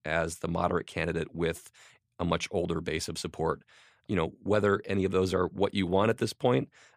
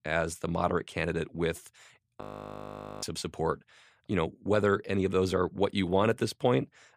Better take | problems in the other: first | audio freezing; at 2 s for 1 s

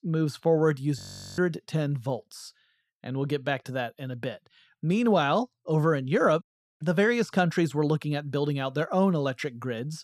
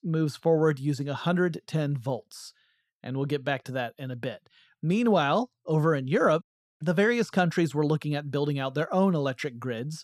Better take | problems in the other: second | audio freezing; at 1 s

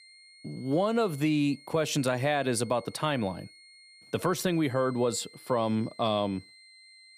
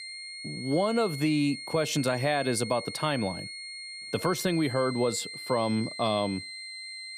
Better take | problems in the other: first | high-pitched whine; loud; throughout; 2 kHz, 9 dB below the speech; faint in the first

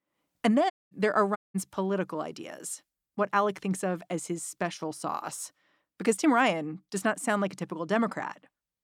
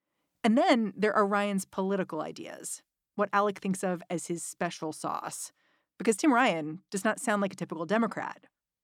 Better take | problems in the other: second | audio cutting out; at 0.5 s and at 1.5 s

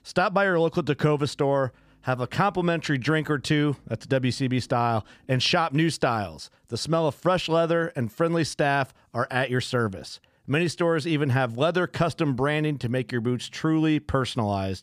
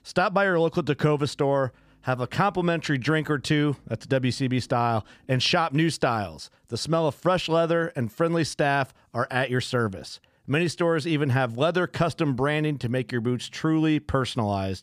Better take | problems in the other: neither | none

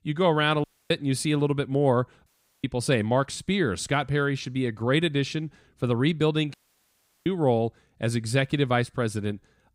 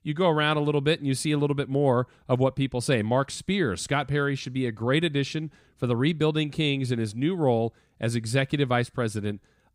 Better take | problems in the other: second | audio cutting out; at 0.5 s, at 2.5 s and at 6.5 s for 0.5 s

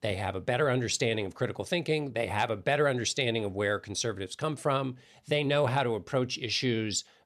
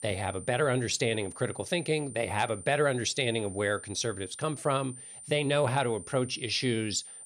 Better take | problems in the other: first | high-pitched whine; noticeable; throughout; 9 kHz, 15 dB below the speech

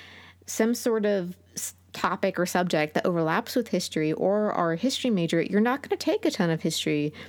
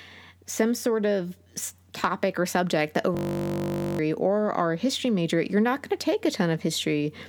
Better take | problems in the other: first | audio freezing; at 3 s for 1 s

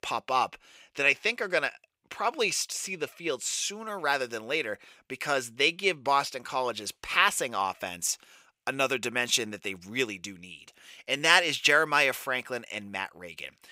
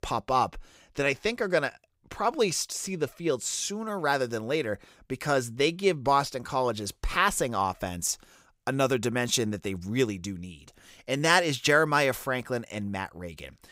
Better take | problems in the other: second | thin; somewhat; fading below 550 Hz

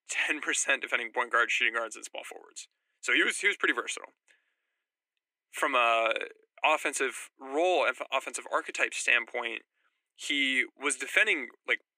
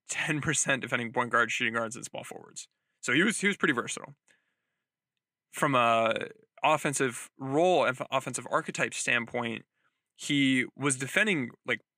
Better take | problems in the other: second | thin; somewhat; fading below 300 Hz

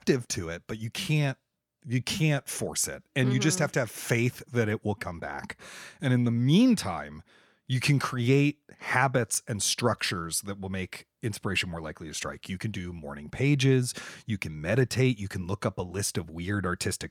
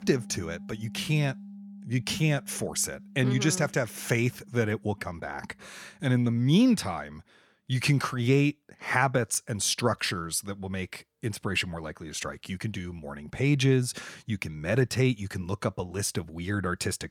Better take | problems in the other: first | background music; noticeable; throughout; 20 dB below the speech

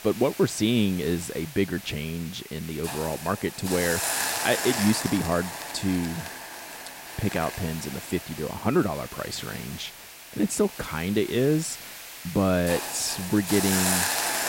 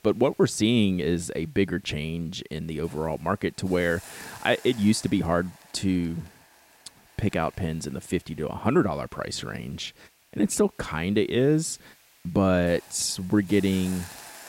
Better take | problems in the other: second | hiss; loud; throughout; 4 dB below the speech; faint in the second

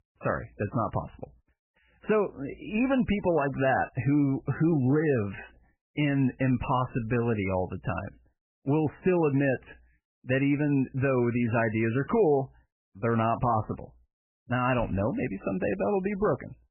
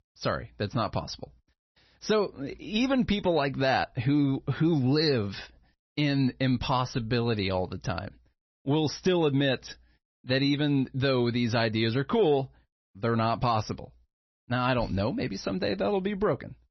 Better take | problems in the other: second | garbled, watery; badly; nothing above 3 kHz; slightly in the second

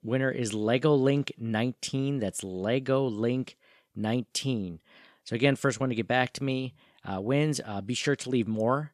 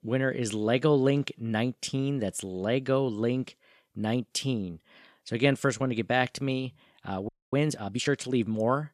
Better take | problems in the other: first | audio freezing; at 7.5 s

